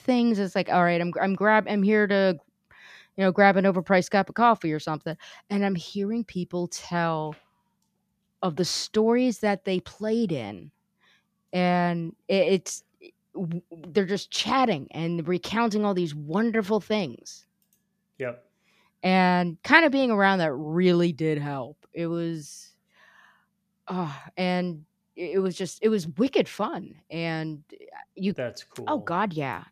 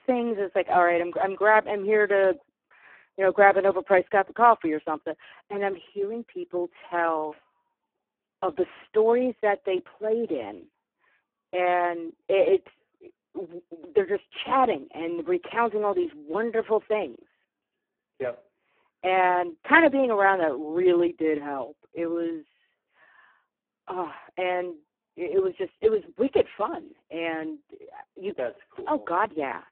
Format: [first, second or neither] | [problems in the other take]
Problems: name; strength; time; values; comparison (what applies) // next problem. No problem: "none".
first | phone-call audio; poor line